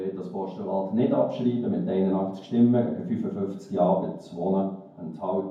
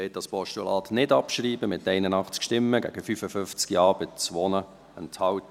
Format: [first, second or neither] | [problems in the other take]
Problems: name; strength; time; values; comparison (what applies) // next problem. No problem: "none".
second | room echo; dies away in 0.9 s